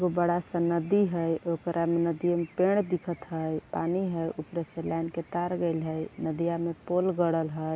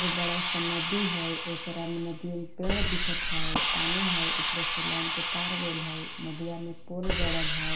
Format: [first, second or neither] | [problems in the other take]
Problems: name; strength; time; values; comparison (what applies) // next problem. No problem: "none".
first | background sound (Hiss); 5 dB above the speech // room echo; dies away in 0.5 s